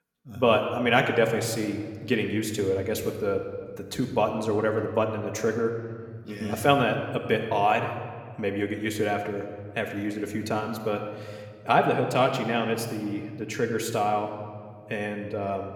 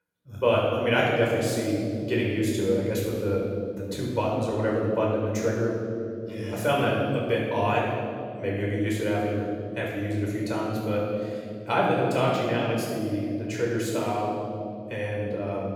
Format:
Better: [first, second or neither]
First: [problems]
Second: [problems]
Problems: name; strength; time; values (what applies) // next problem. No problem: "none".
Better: first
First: room echo; slight; dies away in 1.5 s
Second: room echo; strong; dies away in 2.6 s // off-mic speech; far